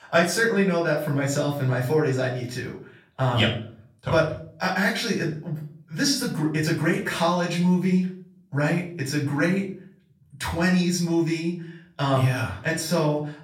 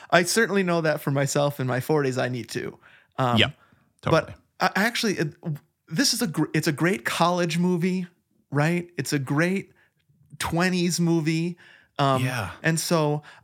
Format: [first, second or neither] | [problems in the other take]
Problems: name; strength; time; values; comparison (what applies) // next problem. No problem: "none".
second | room echo; slight; dies away in 0.4 s // off-mic speech; far